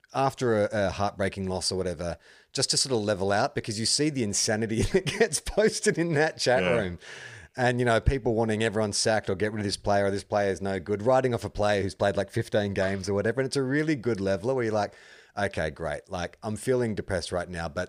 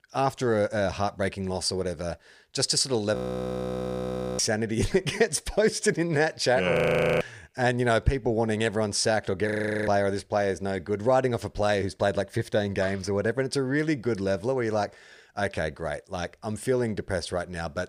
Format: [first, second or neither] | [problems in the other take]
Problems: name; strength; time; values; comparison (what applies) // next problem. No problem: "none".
first | audio freezing; at 3 s for 1 s, at 6.5 s and at 9.5 s